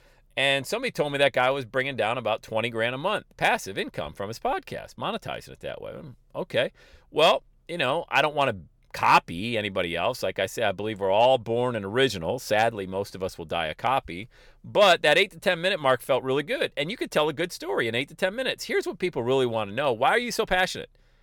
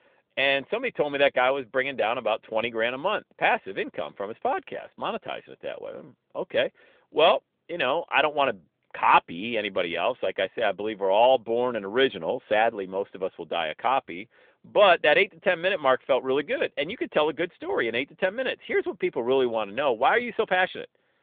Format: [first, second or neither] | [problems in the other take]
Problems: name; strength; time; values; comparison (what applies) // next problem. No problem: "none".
first | phone-call audio; nothing above 3.5 kHz